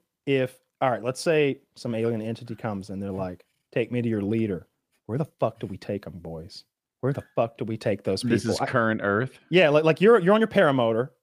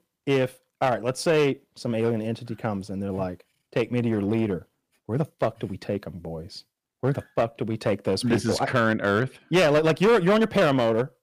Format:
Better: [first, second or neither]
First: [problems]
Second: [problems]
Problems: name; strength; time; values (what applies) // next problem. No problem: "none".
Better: first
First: none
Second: distortion; slight; 6% of the sound clipped